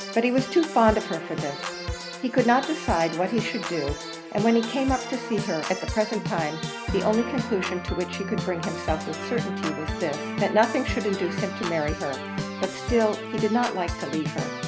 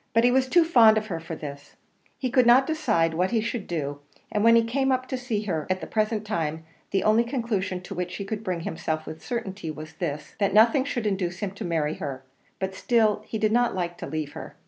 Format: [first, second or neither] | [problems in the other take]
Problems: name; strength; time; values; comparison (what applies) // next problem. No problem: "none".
second | background sound (Organ); 6 dB below the speech